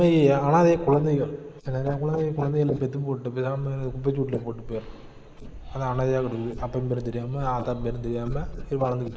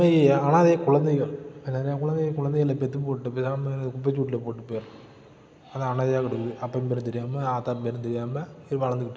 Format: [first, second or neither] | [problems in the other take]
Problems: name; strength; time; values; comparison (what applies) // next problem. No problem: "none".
second | noise reduction (neural mask model Resemble Enhance denoiser)